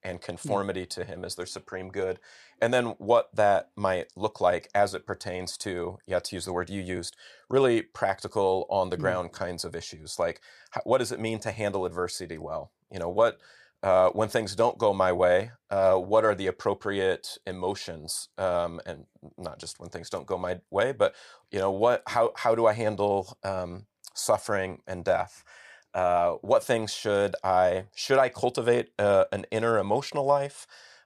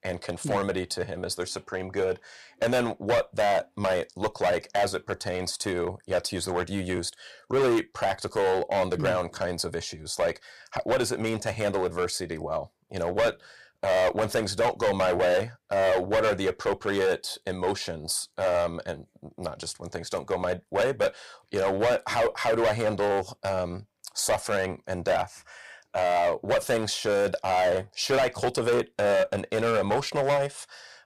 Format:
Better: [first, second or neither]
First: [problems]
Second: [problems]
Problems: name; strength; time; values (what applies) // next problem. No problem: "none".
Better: first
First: none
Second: distortion; heavy; 11% of the sound clipped